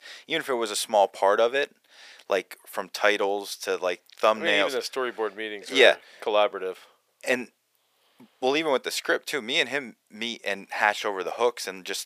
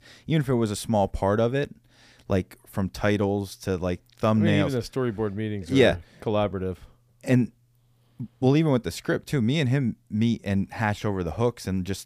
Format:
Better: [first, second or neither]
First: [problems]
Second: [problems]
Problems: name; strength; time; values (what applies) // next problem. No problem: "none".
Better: second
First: thin; very; fading below 500 Hz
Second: none